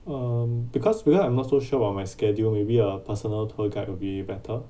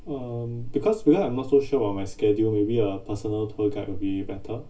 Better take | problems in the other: first | room echo; dies away in 0.2 s

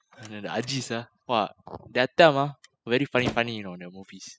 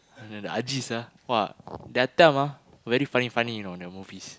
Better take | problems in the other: second | noise reduction (classical method spectral subtraction)

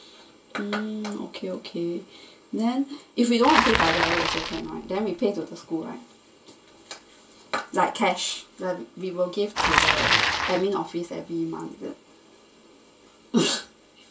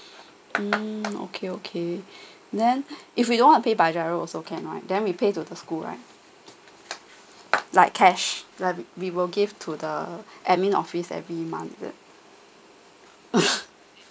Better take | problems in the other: second | background sound (Bicycle); 2 dB below the speech // room echo; dies away in 0.2 s

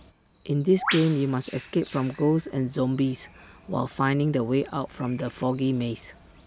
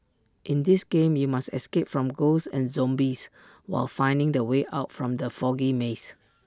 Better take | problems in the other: second | background sound (Bird); 14 dB below the speech

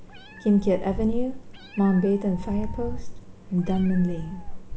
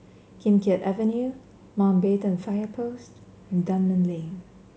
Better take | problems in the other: second | background sound (Meow); 6 dB below the speech

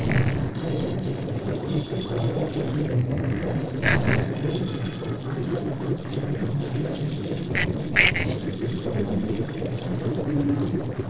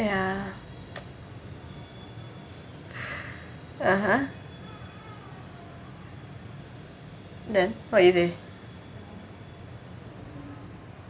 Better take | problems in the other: second | noise reduction (neural separator model SepFormer DNS4)

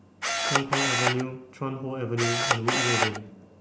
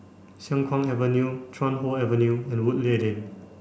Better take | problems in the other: second | background sound (Camera); 4 dB above the speech

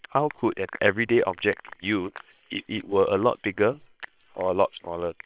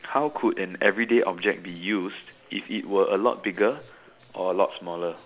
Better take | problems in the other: second | noise reduction (neural separator model SepFormer WHAM!)

